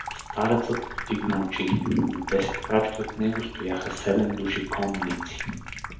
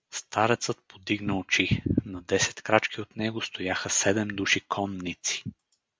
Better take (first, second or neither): second